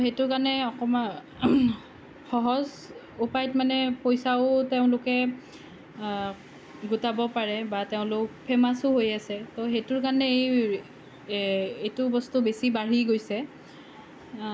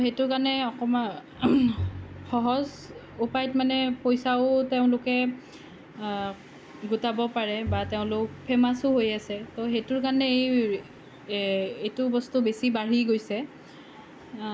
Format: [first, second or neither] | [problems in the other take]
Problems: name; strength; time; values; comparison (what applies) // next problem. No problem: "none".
first | background sound (Bowed string instrument); 14 dB below the speech